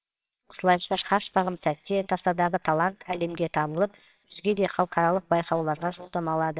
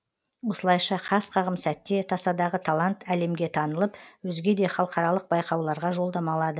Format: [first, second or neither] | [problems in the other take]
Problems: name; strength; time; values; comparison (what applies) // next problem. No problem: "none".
second | noise reduction (neural separator model SepFormer WHAMR!)